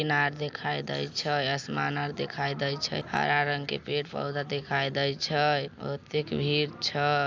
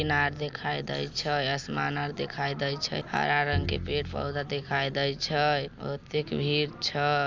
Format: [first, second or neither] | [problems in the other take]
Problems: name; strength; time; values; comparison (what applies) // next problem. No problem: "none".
first | background sound (Bowed string instrument); 12 dB below the speech